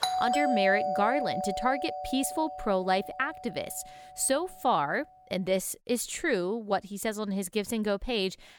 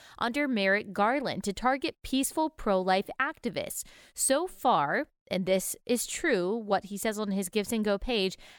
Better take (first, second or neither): second